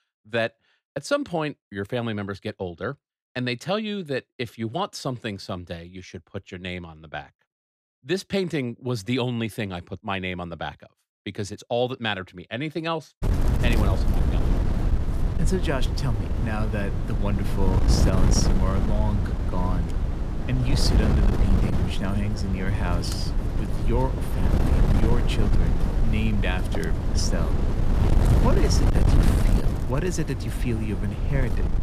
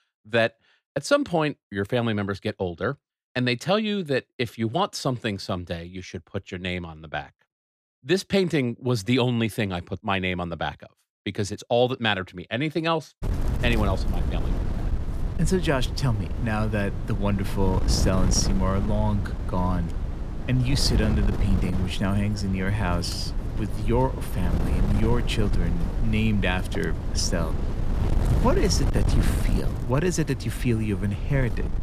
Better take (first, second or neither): second